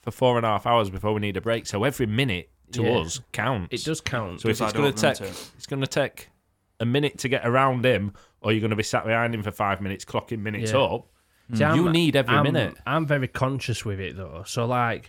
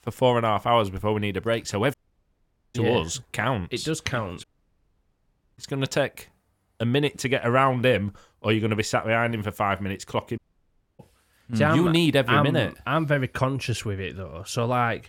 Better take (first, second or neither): first